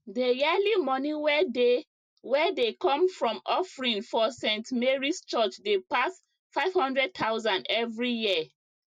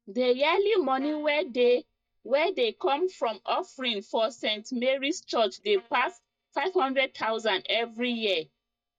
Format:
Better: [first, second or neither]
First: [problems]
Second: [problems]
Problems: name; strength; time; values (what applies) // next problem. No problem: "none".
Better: first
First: none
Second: noise reduction (neural mask model DeepFilterNet 3)